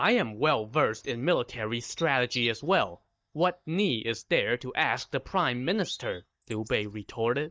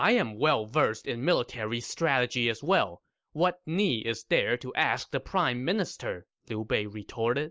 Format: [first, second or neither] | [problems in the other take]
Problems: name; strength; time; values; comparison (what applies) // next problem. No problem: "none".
second | noise reduction (neural mask model DeepFilterNet 3)